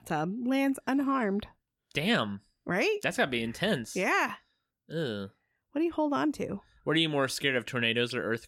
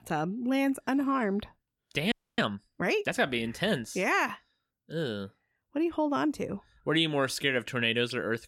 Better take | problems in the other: first | audio freezing; at 2 s

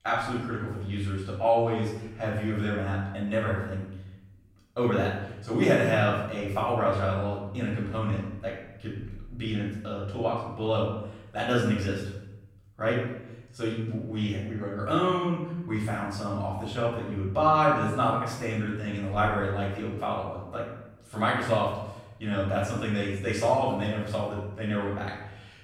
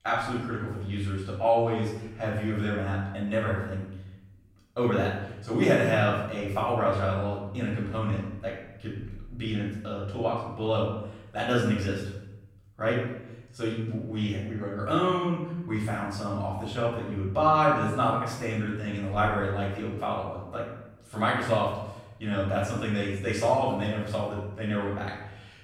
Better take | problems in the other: neither | room echo; noticeable; dies away in 0.8 s; the same in both // off-mic speech; far; the same in both

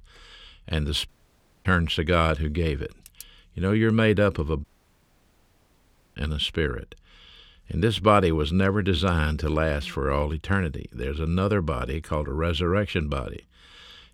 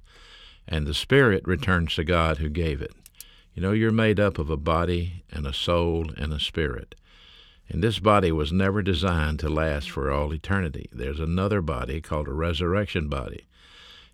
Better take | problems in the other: second | audio cutting out; at 1 s for 0.5 s and at 4.5 s for 1.5 s

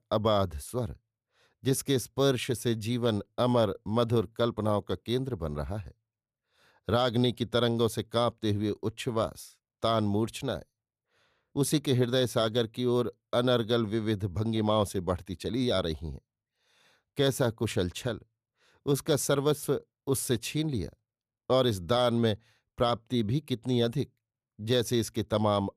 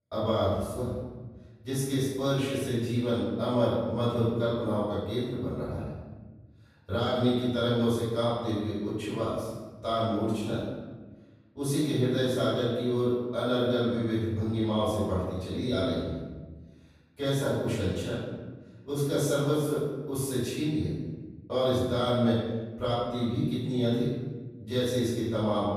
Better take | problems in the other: first | off-mic speech; far // room echo; strong; dies away in 1.2 s

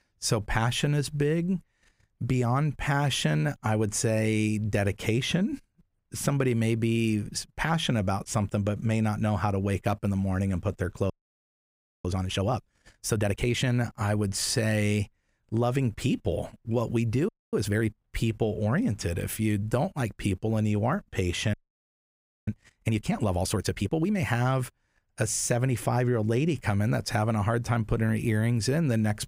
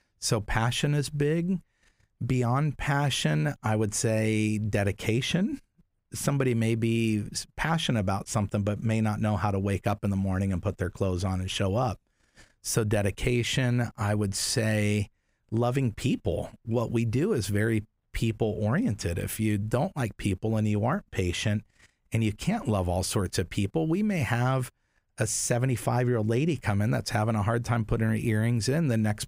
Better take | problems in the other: second | audio freezing; at 11 s for 1 s, at 17 s and at 22 s for 1 s

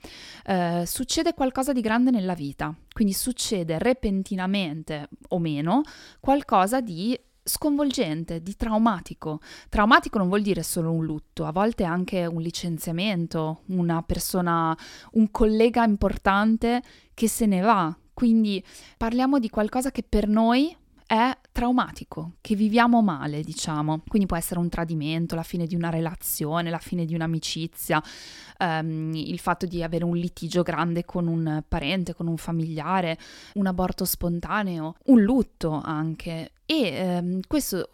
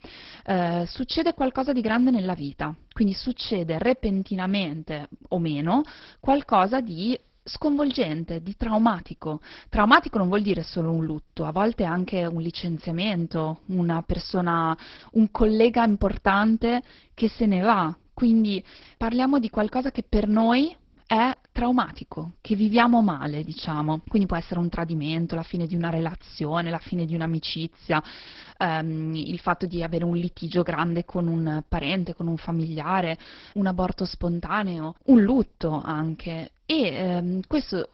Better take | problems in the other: first | garbled, watery; badly; nothing above 5.5 kHz

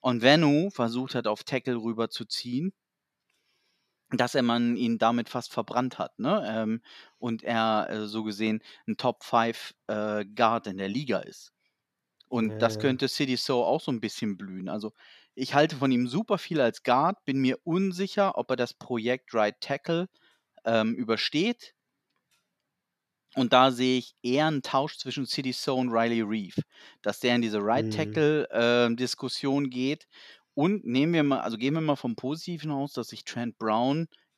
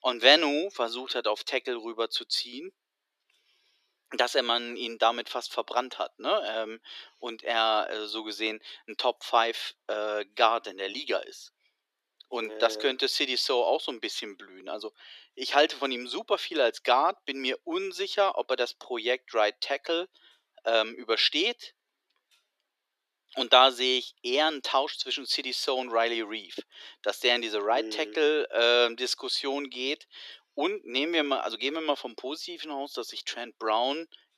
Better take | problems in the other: first | thin; somewhat; fading below 350 Hz

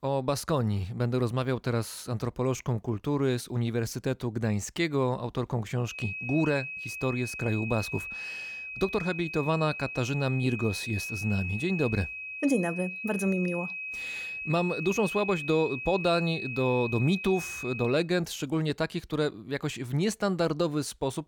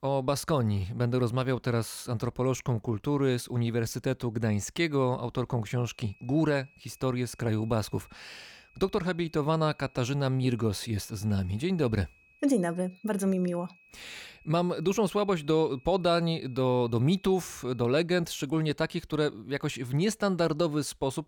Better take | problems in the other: second | high-pitched whine; loud; from 6 to 18 s; 2.5 kHz, 6 dB below the speech; faint in the second

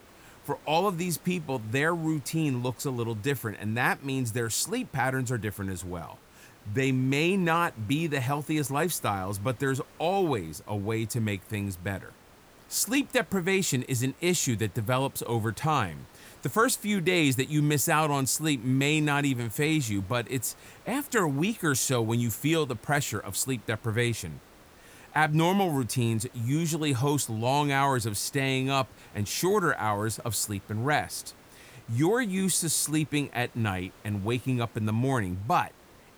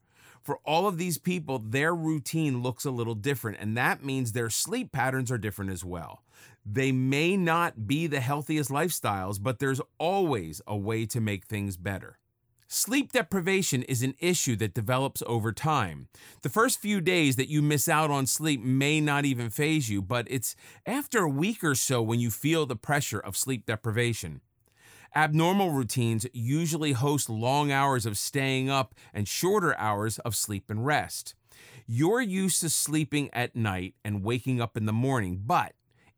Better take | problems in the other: second | hiss; faint; throughout; 25 dB below the speech

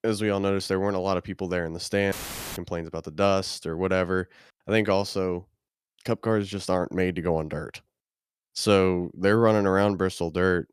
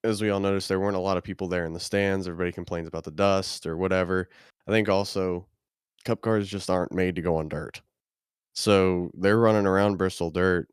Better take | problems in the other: second | audio cutting out; filled with static; at 2 s

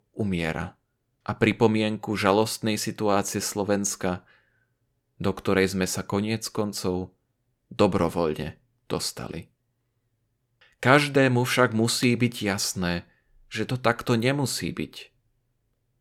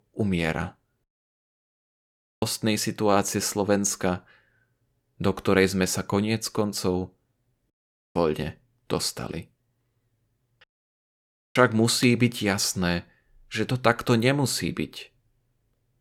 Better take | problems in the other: first | audio cutting out; at 1 s for 1.5 s, at 7.5 s and at 11 s for 1 s

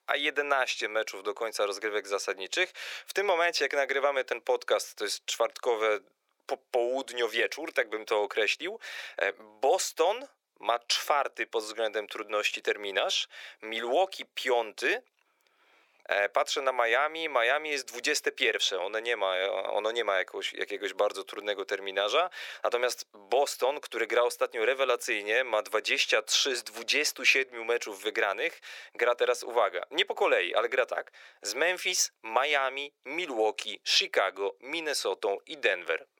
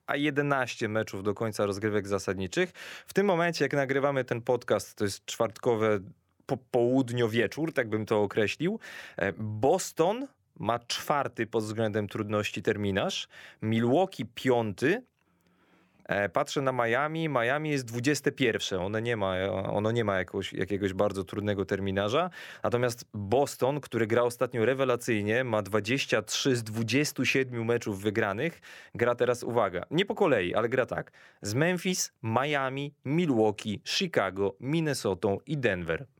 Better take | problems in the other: second | thin; very; fading below 450 Hz

